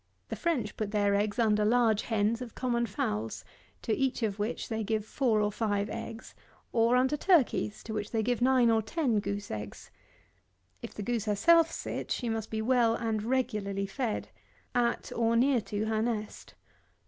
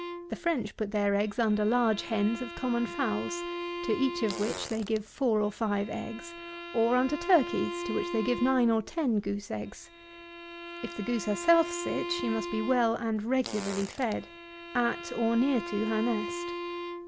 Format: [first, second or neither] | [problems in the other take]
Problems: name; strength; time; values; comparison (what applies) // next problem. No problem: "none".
first | background sound (Fart + Bowed string instrument); 9 dB below the speech